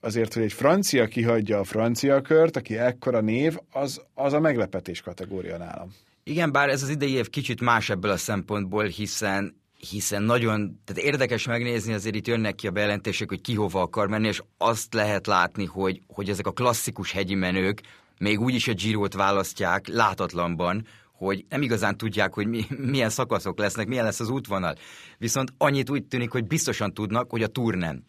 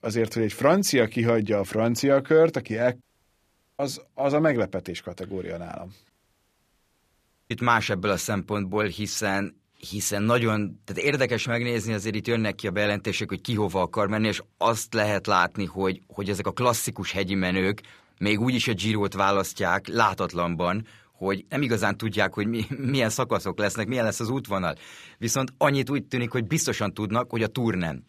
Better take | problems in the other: first | audio cutting out; at 3 s for 1 s and at 6 s for 1.5 s

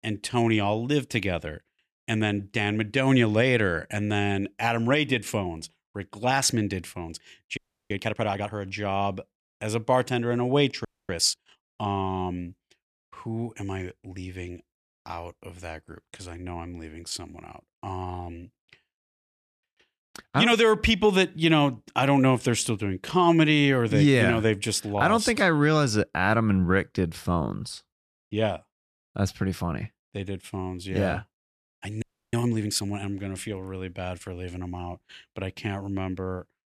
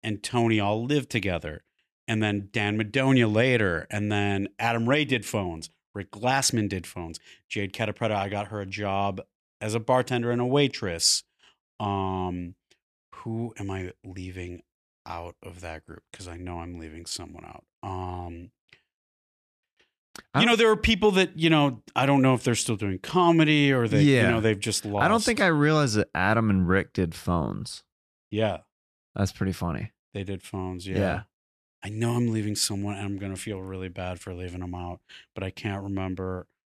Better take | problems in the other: second | audio freezing; at 7.5 s, at 11 s and at 32 s

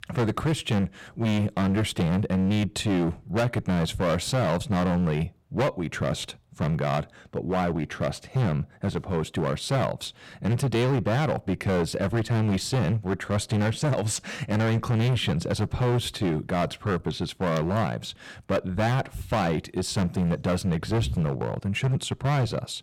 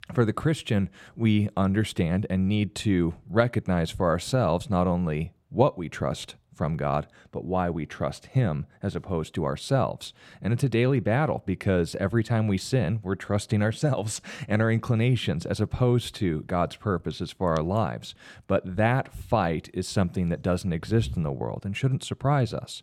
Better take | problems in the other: second | distortion; heavy; 18% of the sound clipped

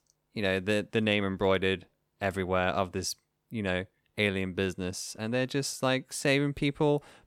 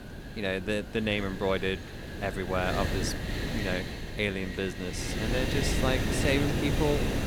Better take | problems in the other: first | wind noise on the microphone; heavy; 3 dB below the speech

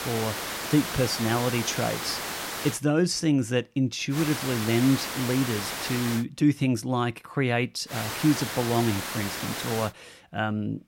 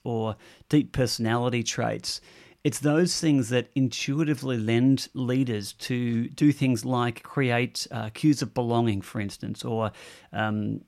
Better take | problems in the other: second | hiss; loud; until 2.5 s, from 4 to 6 s and from 8 to 10 s; 5 dB below the speech

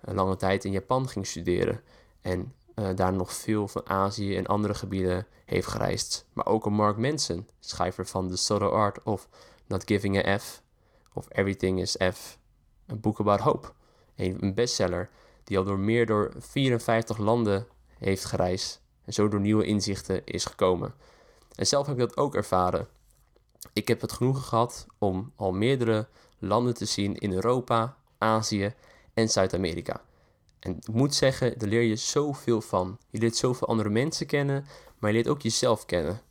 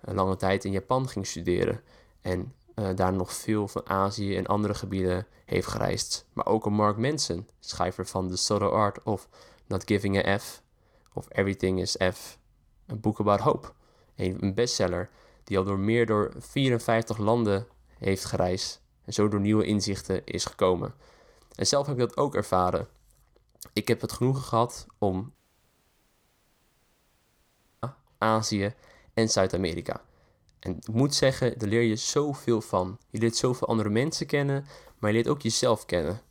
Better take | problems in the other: first | audio cutting out; at 25 s for 2.5 s

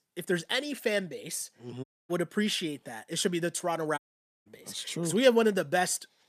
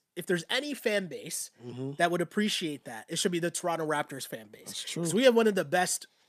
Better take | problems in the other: second | audio cutting out; at 2 s and at 4 s

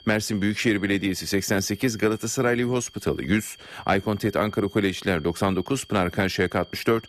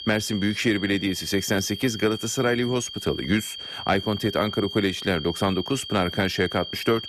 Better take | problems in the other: first | high-pitched whine; loud; throughout; 3 kHz, 9 dB below the speech; faint in the first

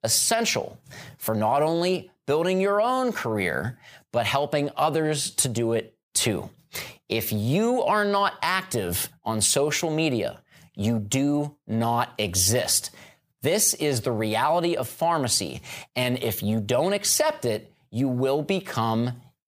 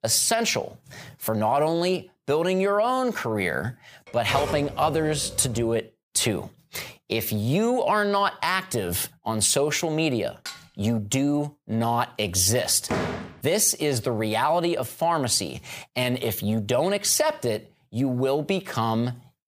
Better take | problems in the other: first | keyboard typing; noticeable; from 4 to 5.5 s; peak 5 dB below the speech // clattering dishes; faint; at 10 s; peak 15 dB below the speech // door banging; noticeable; at 13 s; peak 4 dB below the speech

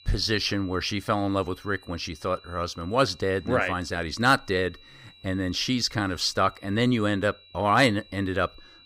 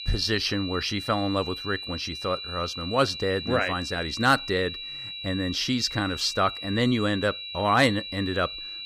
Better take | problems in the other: first | high-pitched whine; loud; throughout; 4 kHz, 8 dB below the speech; faint in the first

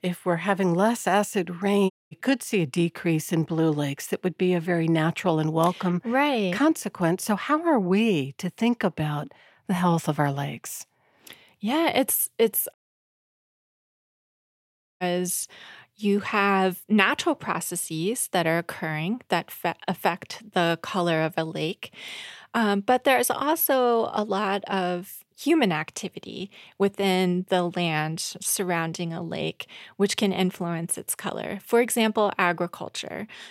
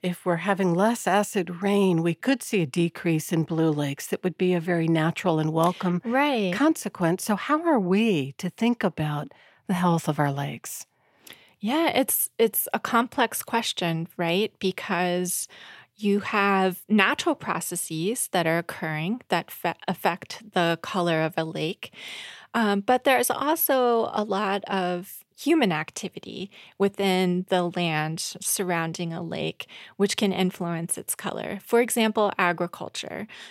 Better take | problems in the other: second | audio cutting out; at 2 s and at 13 s for 2.5 s

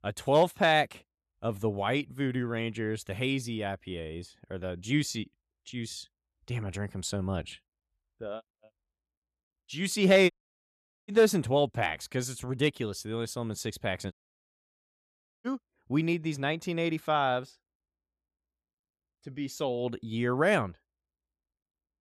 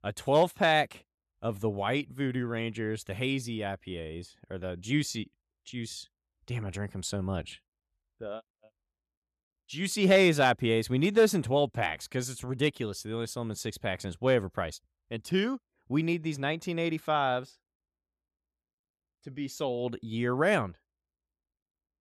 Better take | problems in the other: second | audio cutting out; at 10 s for 1 s and at 14 s for 1.5 s

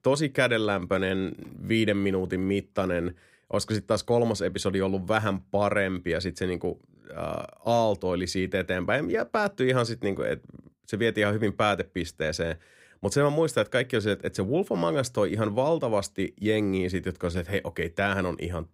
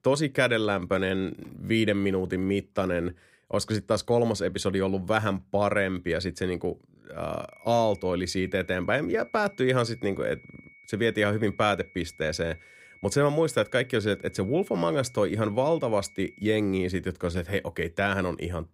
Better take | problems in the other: first | high-pitched whine; faint; from 7.5 to 17 s; 2 kHz, 25 dB below the speech

